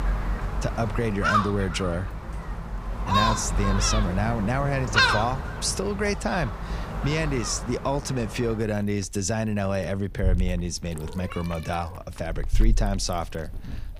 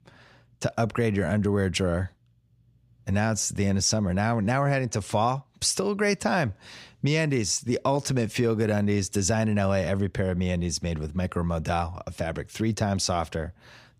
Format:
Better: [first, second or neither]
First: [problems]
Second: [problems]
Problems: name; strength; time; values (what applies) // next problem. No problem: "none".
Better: second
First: animal sounds; loud; throughout; 1 dB below the speech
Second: none